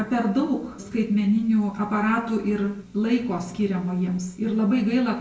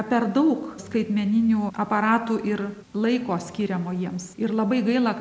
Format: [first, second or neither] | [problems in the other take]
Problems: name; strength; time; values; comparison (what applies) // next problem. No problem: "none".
second | room echo; dies away in 0.3 s